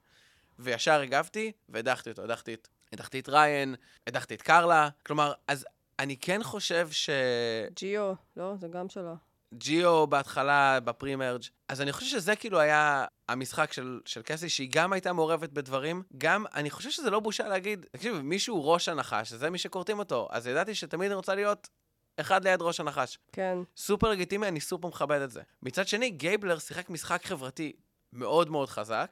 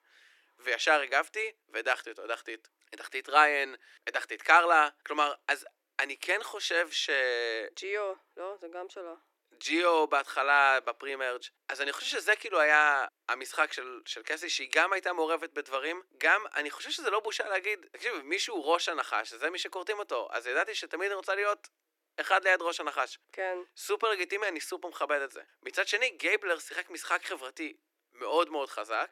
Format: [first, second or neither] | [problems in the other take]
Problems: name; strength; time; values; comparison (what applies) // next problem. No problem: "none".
first | thin; very; fading below 300 Hz